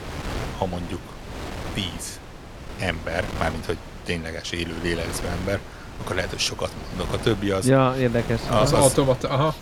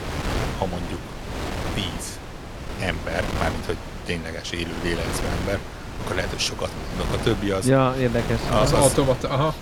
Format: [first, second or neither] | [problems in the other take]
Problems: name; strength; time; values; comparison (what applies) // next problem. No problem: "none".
first | wind noise on the microphone; heavy; 7 dB below the speech; occasional gusts in the first